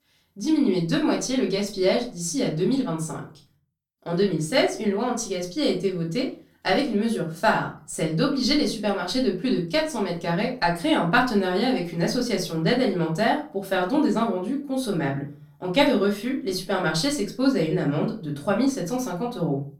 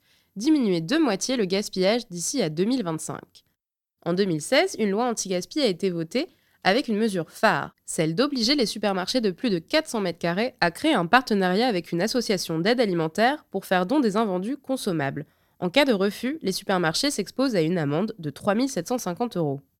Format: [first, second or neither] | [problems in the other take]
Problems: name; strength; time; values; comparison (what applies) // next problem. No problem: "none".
second | off-mic speech; far // room echo; slight; dies away in 0.3 s